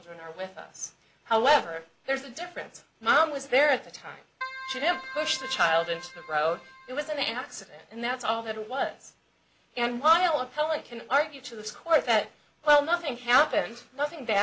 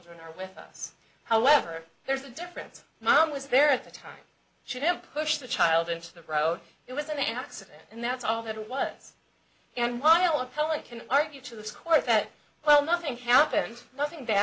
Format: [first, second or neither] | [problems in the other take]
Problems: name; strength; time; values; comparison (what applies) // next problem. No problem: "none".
second | background sound (Keyboard (musical)); 12 dB below the speech